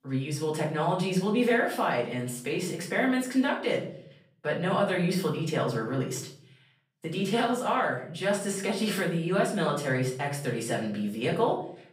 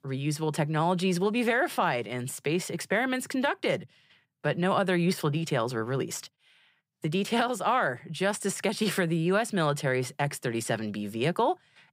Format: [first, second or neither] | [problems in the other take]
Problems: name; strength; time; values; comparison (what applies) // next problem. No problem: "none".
second | off-mic speech; far // room echo; slight; dies away in 0.5 s